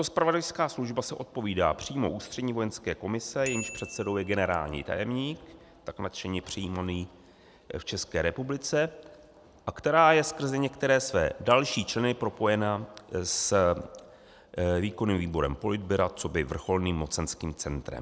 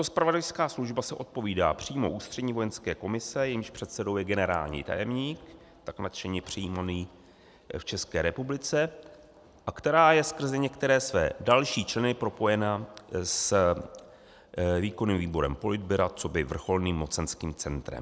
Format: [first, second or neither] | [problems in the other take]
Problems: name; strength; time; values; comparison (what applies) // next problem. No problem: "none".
second | background sound (Bicycle bell); 17 dB below the speech